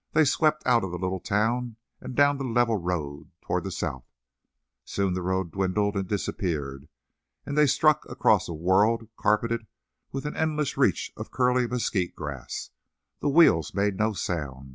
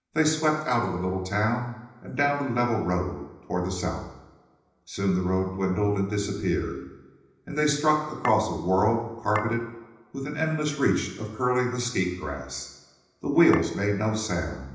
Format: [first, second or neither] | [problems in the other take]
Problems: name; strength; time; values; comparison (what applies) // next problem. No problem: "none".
first | background sound (Chink, clink); 9 dB below the speech // room echo; dies away in 0.9 s